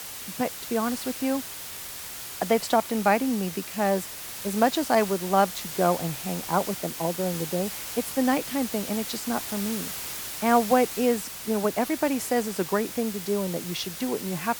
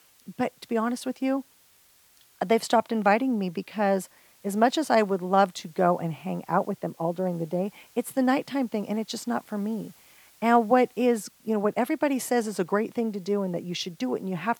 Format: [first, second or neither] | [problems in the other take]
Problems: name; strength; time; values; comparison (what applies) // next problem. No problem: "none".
second | hiss; loud; throughout; 7 dB below the speech; faint in the second